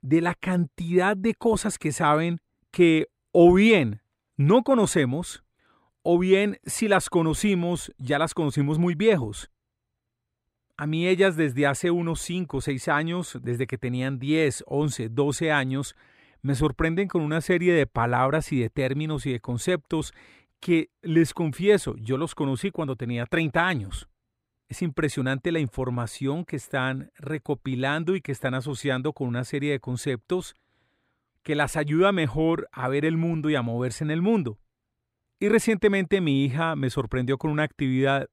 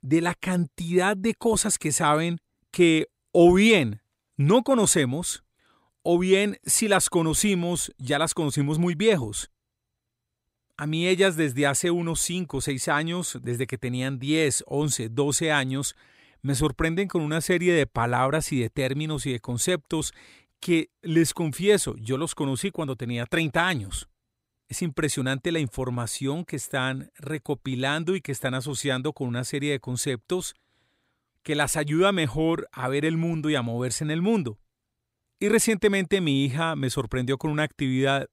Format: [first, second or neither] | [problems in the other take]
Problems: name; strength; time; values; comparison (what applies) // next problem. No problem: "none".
second | muffled; slightly; fading above 3.5 kHz